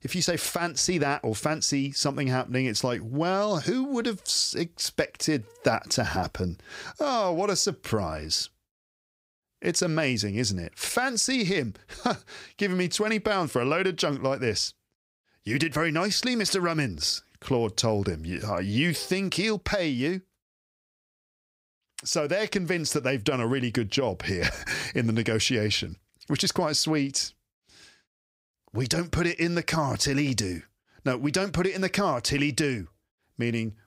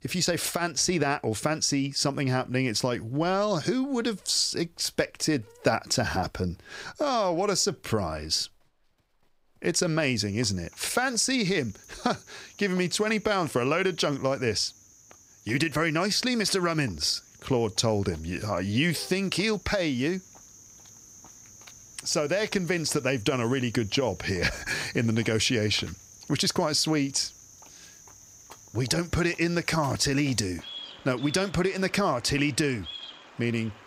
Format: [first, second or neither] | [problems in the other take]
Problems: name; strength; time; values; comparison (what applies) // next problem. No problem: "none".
first | animal sounds; faint; throughout; 20 dB below the speech